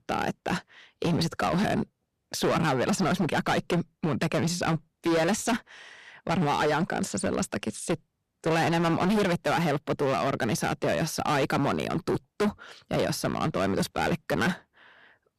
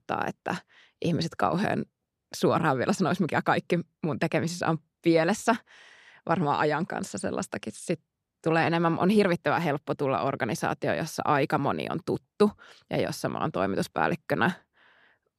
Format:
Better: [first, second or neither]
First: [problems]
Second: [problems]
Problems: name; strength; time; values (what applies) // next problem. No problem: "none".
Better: second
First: distortion; heavy; 16% of the sound clipped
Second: none